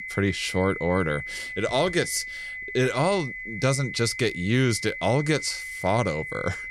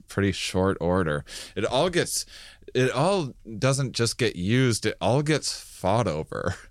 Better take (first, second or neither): second